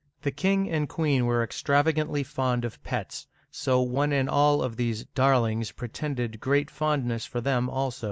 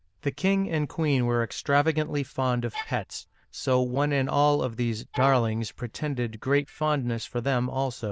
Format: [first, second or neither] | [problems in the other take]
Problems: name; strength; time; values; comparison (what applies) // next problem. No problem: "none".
first | noise reduction (neural diffusion model UNIVERSE++)